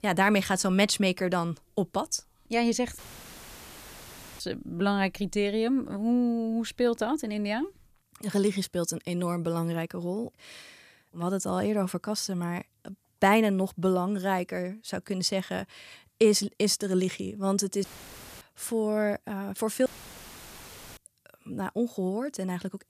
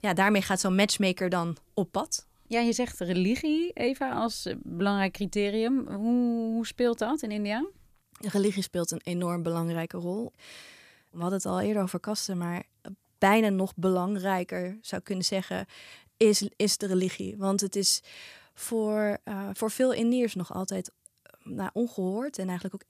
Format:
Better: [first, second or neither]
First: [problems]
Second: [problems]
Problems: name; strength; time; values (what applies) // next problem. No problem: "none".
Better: second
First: audio cutting out; filled with static; at 3 s for 1.5 s, at 18 s for 0.5 s and at 20 s for 1 s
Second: none